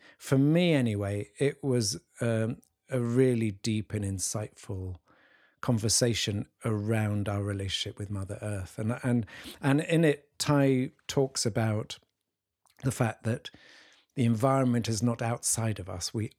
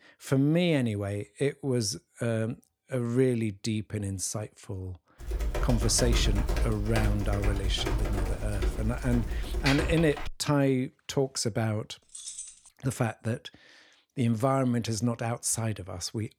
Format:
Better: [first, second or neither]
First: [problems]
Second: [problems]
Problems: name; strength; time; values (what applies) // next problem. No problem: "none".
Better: first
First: none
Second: keyboard typing; loud; from 5 to 10 s; peak 1 dB above the speech // jangling keys; noticeable; at 12 s; peak 9 dB below the speech